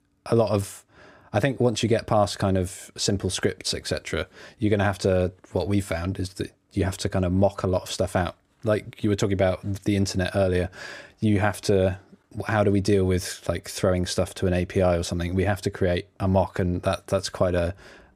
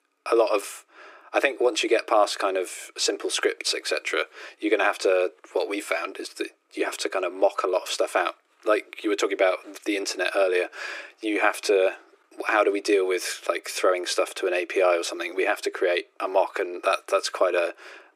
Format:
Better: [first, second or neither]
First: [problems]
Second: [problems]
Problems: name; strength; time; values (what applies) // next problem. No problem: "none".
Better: first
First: none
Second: thin; very; fading below 300 Hz